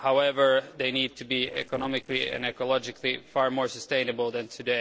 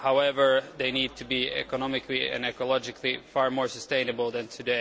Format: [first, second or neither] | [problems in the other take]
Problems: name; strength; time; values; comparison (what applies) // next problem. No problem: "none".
second | noise reduction (neural separator model SepFormer DNS4)